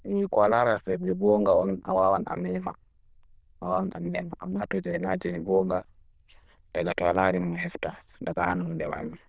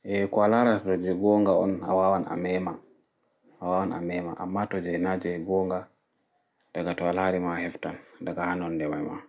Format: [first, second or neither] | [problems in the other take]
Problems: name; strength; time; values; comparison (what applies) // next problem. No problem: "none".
second | noise reduction (neural diffusion model UNIVERSE++)